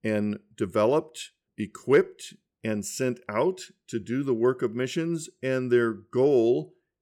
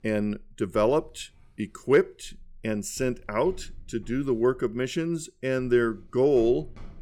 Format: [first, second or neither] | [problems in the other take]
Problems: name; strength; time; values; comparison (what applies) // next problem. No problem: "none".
first | household noises; faint; throughout; 25 dB below the speech